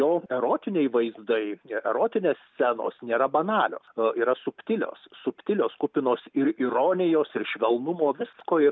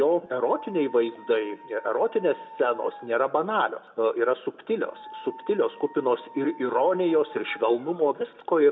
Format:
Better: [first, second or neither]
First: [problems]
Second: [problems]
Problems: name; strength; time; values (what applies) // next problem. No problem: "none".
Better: first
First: none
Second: background sound (Dog); 19 dB below the speech // room echo; dies away in 0.8 s